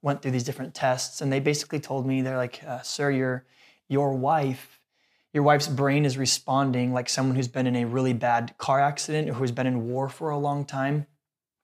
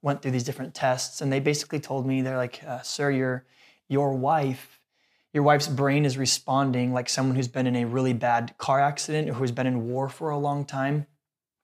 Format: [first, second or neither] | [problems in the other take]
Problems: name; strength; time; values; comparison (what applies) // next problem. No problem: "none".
neither | none